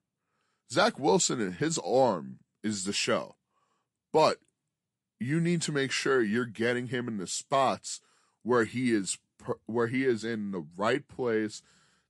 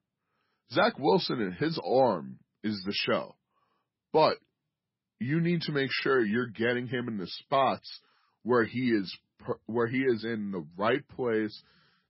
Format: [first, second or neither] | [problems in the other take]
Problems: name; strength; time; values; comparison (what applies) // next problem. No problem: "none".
first | garbled, watery; badly; nothing above 5.5 kHz; slightly in the first